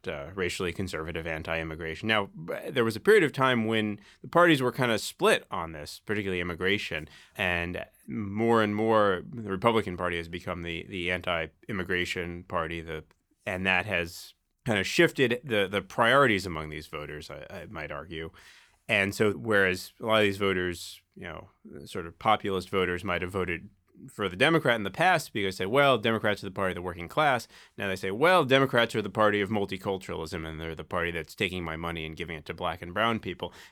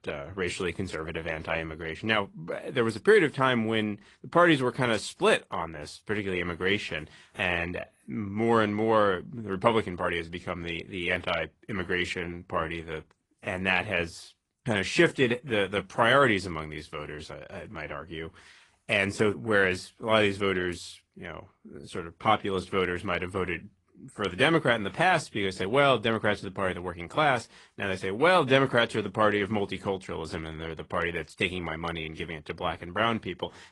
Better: first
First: none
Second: garbled, watery; slightly; nothing above 10.5 kHz

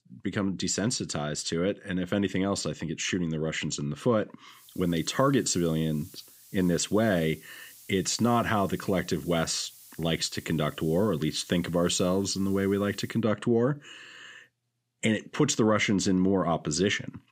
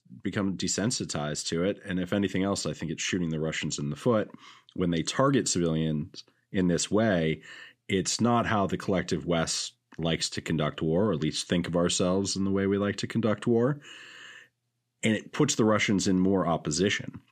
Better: second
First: hiss; faint; from 4.5 to 13 s; 20 dB below the speech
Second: none

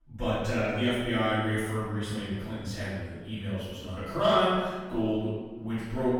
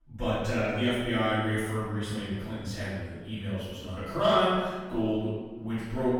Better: neither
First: off-mic speech; far // room echo; strong; dies away in 1.2 s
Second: off-mic speech; far // room echo; strong; dies away in 1.2 s

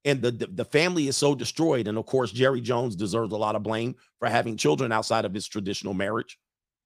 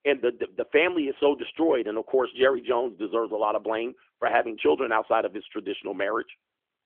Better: first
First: none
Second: phone-call audio; nothing above 3.5 kHz

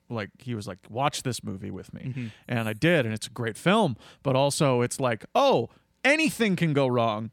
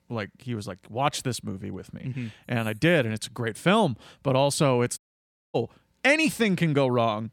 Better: first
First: none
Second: audio cutting out; at 5 s for 0.5 s

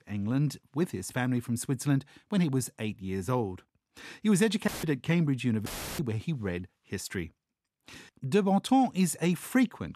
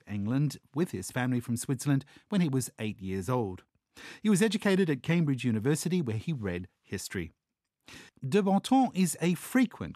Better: second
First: audio cutting out; filled with static; at 4.5 s and at 5.5 s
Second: none

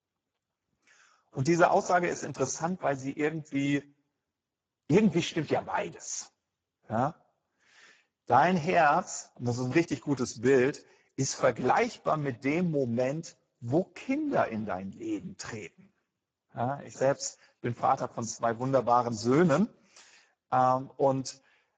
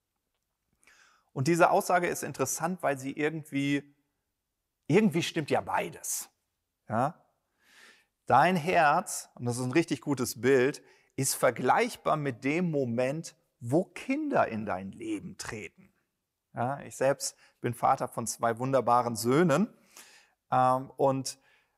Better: second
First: garbled, watery; badly; nothing above 7.5 kHz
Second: none

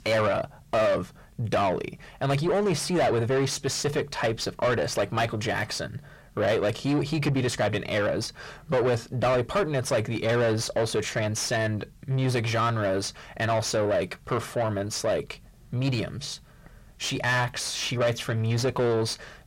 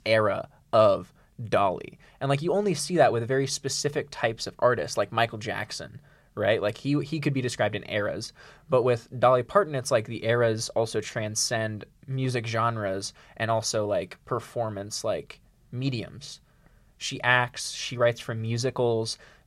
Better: second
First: distortion; heavy; 6 dB below the speech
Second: none

